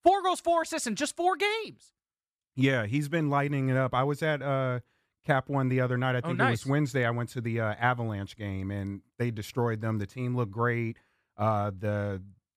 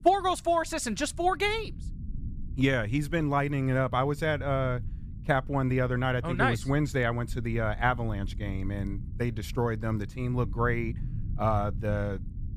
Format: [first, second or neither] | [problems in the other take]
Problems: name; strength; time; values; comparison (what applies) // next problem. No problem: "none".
first | low rumble; faint; throughout; 25 dB below the speech